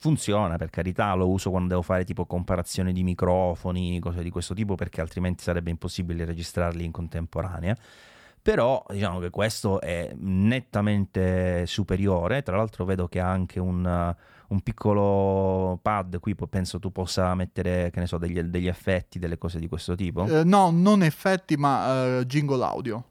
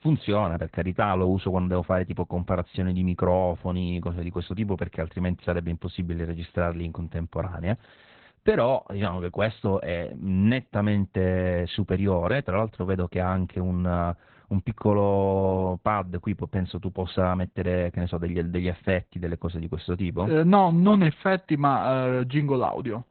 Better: first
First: none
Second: garbled, watery; badly; nothing above 4 kHz

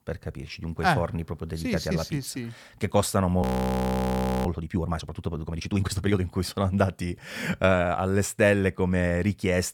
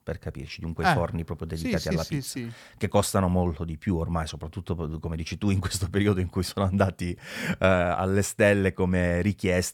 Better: second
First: audio freezing; at 3.5 s for 1 s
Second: none

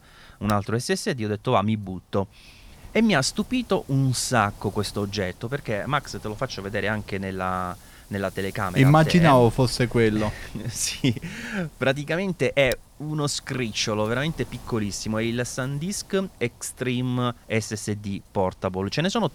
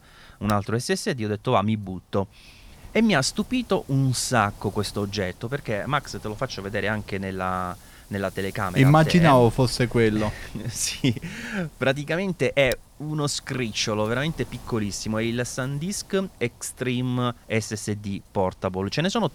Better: neither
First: wind noise on the microphone; occasional gusts; 25 dB below the speech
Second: wind noise on the microphone; occasional gusts; 25 dB below the speech

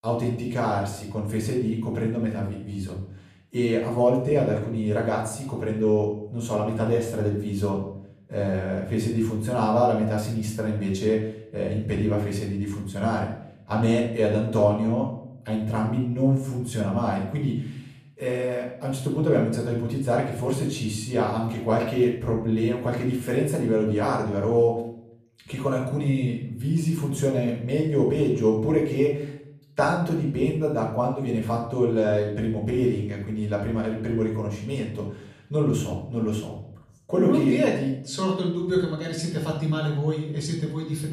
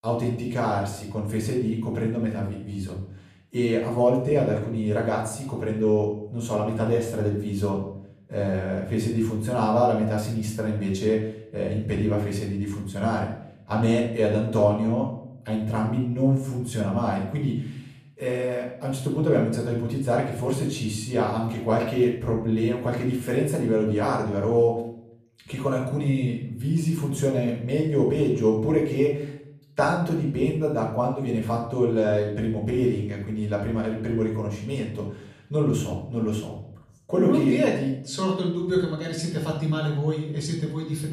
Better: neither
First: off-mic speech; far // room echo; noticeable; dies away in 0.6 s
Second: off-mic speech; far // room echo; noticeable; dies away in 0.6 s

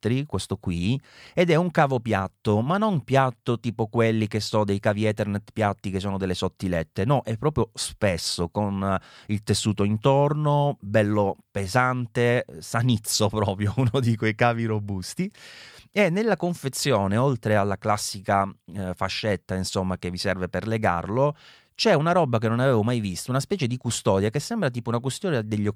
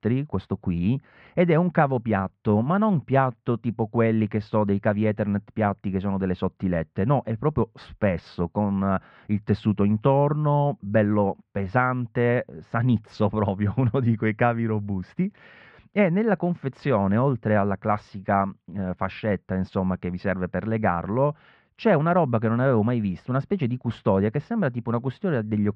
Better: first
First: none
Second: muffled; very; fading above 2 kHz

